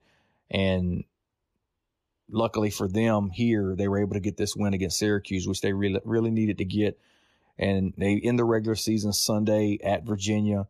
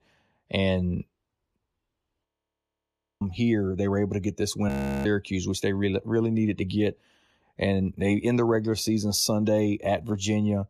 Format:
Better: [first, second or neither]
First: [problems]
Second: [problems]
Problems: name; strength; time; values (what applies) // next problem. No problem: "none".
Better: first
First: none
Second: audio freezing; at 2.5 s for 1 s and at 4.5 s